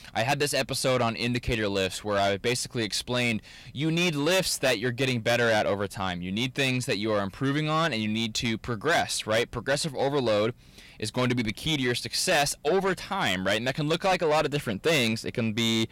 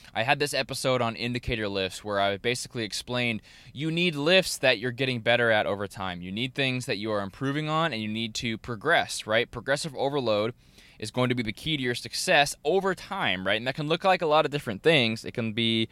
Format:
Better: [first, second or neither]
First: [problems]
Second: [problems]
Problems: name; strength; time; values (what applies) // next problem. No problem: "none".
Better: second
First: distortion; heavy; 8 dB below the speech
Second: none